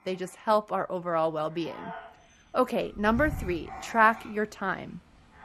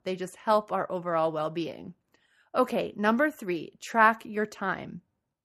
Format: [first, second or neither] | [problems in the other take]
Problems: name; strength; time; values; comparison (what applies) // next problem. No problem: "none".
second | animal sounds; noticeable; throughout; 15 dB below the speech